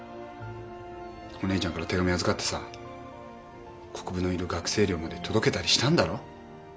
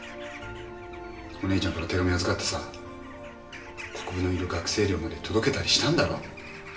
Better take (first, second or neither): first